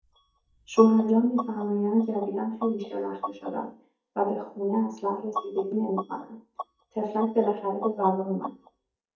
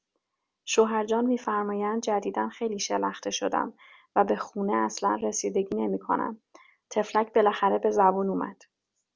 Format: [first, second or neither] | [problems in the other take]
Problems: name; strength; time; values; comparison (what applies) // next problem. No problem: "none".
second | noise reduction (neural mask model DeepFilterNet 3)